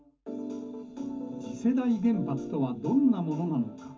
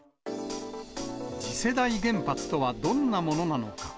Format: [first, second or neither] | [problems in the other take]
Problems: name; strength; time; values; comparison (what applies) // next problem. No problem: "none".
second | room echo; dies away in 0.3 s